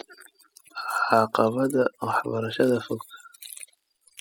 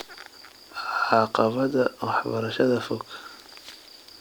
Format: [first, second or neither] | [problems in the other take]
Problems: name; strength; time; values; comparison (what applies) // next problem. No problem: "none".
second | noise reduction (classical method spectral subtraction)